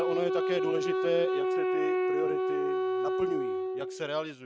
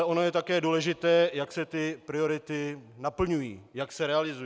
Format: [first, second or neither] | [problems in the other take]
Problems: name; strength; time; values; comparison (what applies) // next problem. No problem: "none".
second | noise reduction (neural mask model RNNoise)